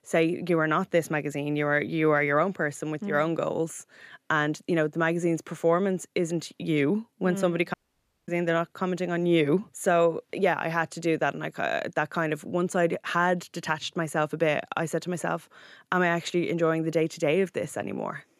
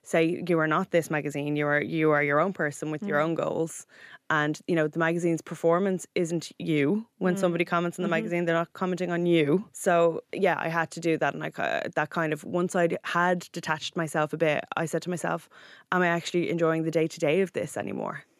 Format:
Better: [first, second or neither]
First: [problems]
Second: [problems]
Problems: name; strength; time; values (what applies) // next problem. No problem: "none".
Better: second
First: audio cutting out; at 7.5 s for 0.5 s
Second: none